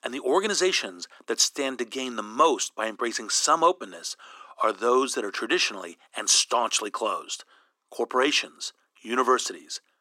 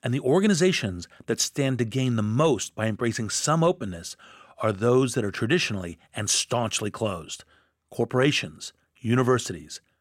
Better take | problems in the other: second | thin; very; fading below 300 Hz

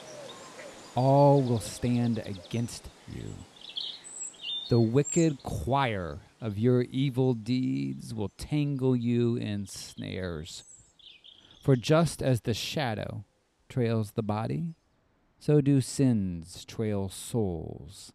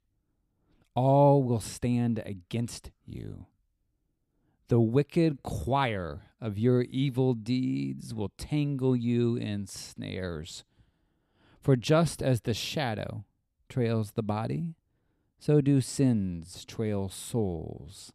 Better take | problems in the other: second | animal sounds; noticeable; throughout; 10 dB below the speech

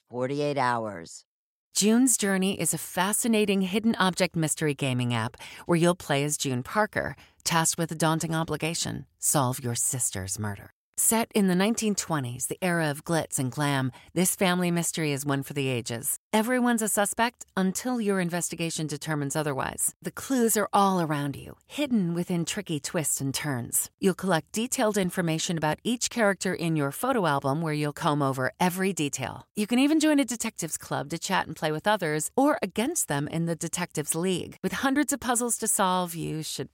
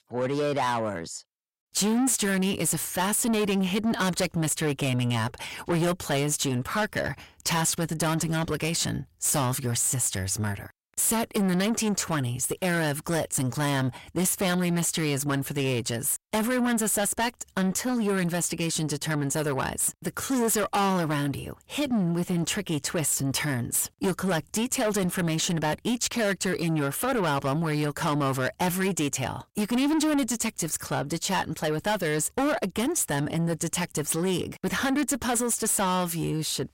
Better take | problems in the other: first | distortion; heavy; 7 dB below the speech

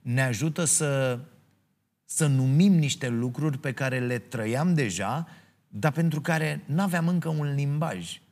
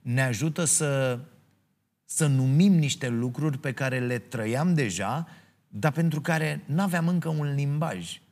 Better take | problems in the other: neither | none

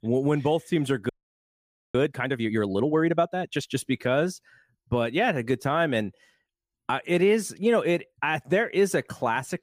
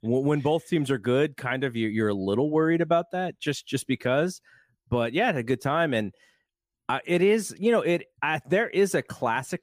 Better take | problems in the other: second | audio freezing; at 1 s for 1 s

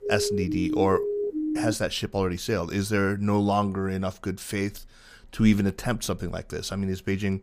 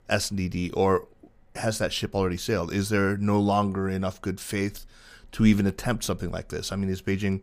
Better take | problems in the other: second | siren; noticeable; until 1.5 s; peak 1 dB below the speech

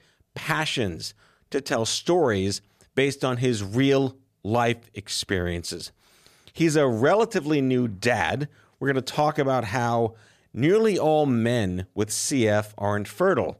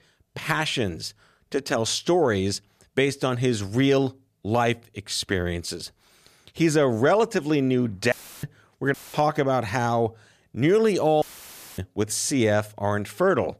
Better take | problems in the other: first | audio cutting out; filled with static; at 8 s, at 9 s and at 11 s for 0.5 s

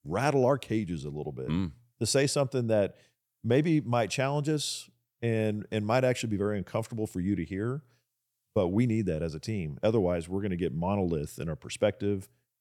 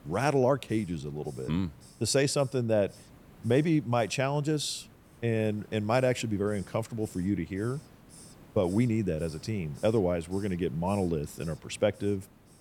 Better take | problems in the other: first | hiss; faint; throughout; 25 dB below the speech

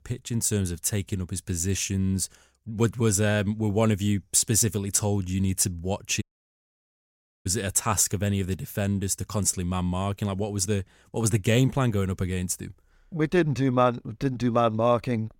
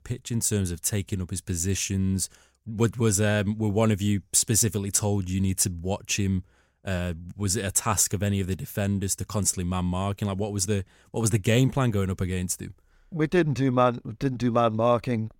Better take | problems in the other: second | audio cutting out; at 6 s for 1 s

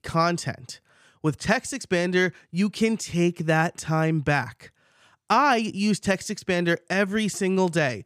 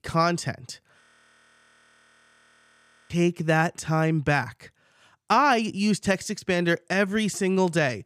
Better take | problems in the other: first | audio freezing; at 1 s for 2 s

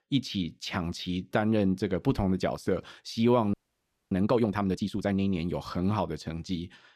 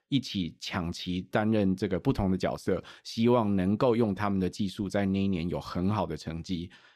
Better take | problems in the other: second | audio freezing; at 3.5 s for 0.5 s

